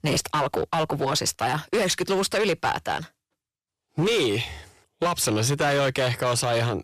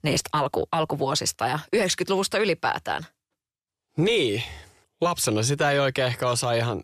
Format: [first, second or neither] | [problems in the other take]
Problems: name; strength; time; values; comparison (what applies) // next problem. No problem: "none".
second | distortion; slight; 13% of the sound clipped